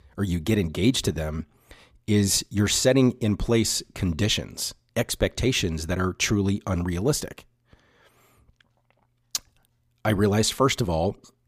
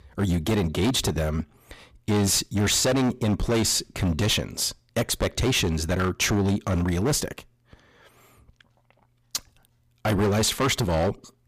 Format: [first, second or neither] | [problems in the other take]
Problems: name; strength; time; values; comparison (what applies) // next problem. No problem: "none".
first | distortion; heavy; 15% of the sound clipped